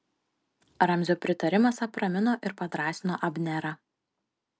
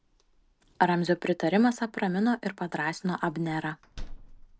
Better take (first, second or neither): first